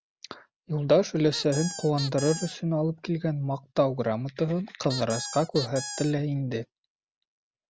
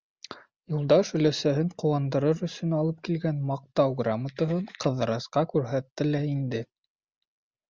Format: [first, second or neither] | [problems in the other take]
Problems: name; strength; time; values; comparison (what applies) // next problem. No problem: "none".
second | background sound (Squeak); 10 dB below the speech